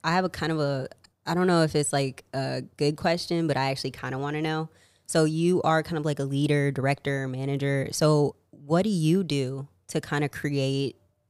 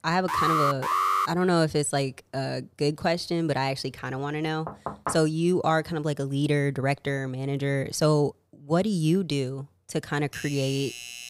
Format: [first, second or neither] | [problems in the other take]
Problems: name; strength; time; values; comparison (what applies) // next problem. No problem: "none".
first | alarm; loud; at 0.5 s; peak 3 dB above the speech // door banging; noticeable; at 4.5 s; peak 7 dB below the speech // doorbell; noticeable; from 10 s on; peak 10 dB below the speech